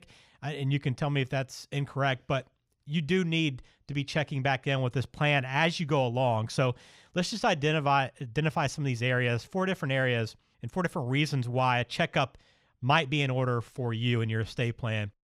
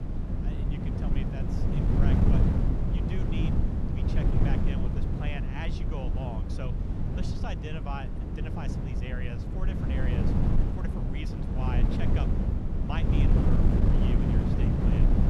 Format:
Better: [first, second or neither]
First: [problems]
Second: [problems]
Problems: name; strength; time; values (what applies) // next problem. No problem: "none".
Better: first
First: none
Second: wind noise on the microphone; heavy; 4 dB above the speech